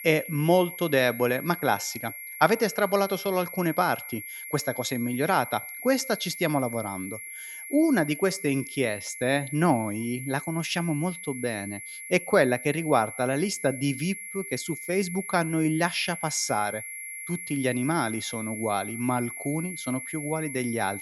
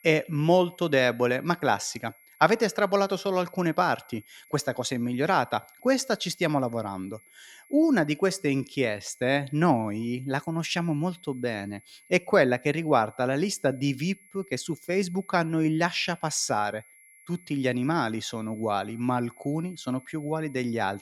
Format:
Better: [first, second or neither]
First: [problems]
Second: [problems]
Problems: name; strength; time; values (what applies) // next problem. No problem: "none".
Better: second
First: high-pitched whine; loud; throughout; 2 kHz, 9 dB below the speech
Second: high-pitched whine; faint; throughout; 2 kHz, 25 dB below the speech